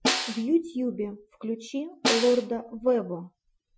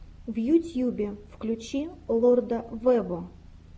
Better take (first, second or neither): second